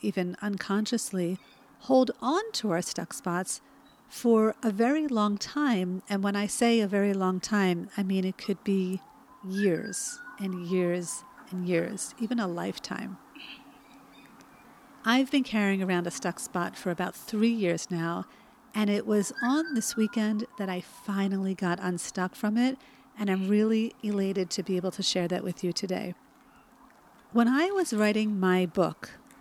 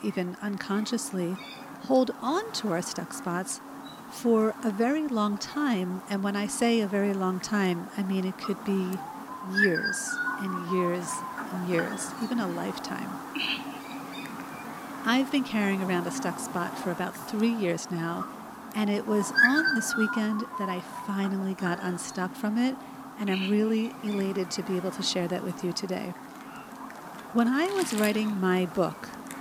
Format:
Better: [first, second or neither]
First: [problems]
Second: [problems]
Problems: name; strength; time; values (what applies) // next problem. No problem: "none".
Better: first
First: animal sounds; faint; throughout; 20 dB below the speech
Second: animal sounds; loud; throughout; 6 dB below the speech